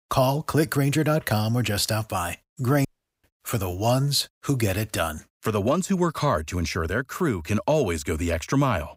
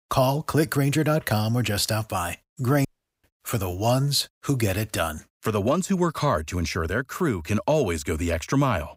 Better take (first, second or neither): neither